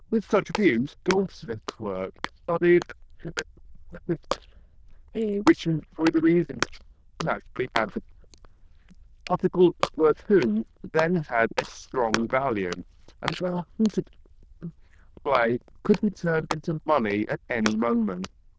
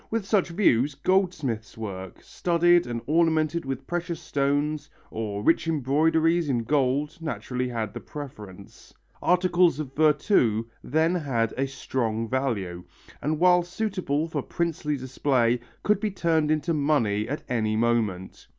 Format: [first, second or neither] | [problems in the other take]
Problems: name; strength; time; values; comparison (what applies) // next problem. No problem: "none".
second | noise reduction (neural diffusion model UNIVERSE++)